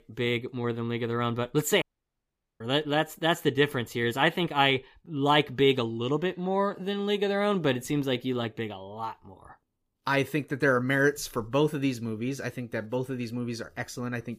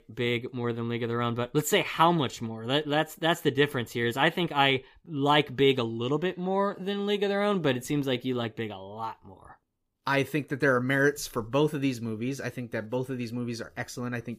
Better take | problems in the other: second | audio cutting out; at 2 s for 1 s

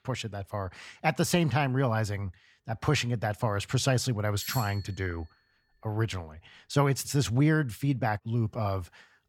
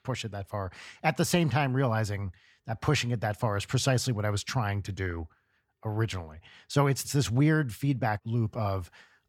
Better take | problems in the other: second | doorbell; noticeable; at 4.5 s; peak 8 dB below the speech

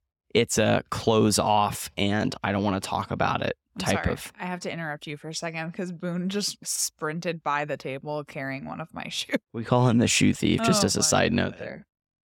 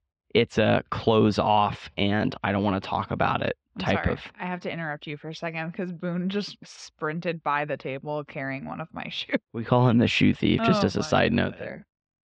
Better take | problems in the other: first | muffled; slightly; fading above 4 kHz

